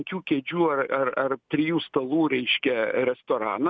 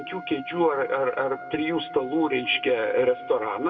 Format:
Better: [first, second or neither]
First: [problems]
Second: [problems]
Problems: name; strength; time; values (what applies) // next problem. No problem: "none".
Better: first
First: none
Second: background sound (Trumpet); 13 dB below the speech // room echo; dies away in 1.5 s